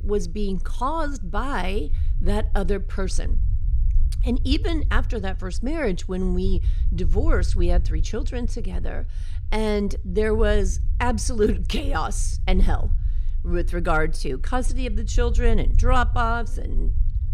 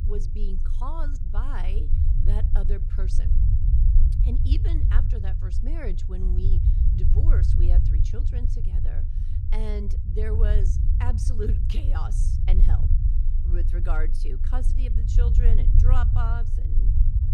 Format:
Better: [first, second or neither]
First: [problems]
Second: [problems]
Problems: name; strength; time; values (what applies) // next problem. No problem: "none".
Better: first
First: low rumble; faint; throughout; 20 dB below the speech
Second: low rumble; loud; throughout; 3 dB below the speech